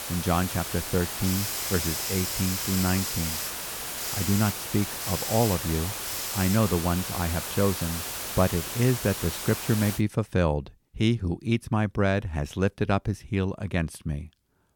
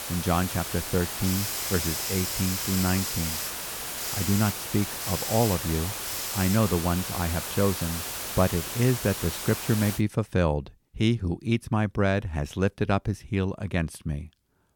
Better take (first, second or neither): neither